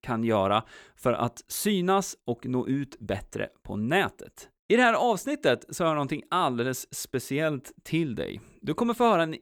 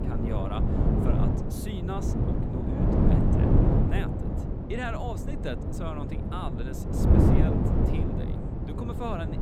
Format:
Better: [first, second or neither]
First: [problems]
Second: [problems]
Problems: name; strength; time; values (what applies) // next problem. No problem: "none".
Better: first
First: none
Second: wind noise on the microphone; heavy; 4 dB above the speech